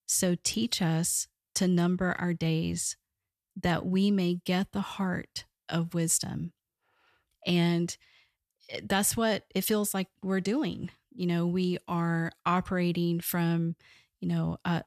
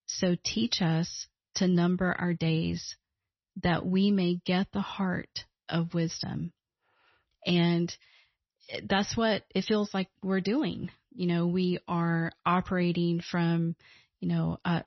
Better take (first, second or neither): first